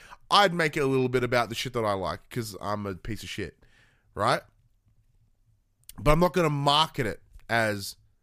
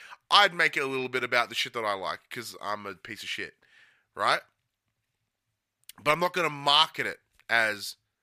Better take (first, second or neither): first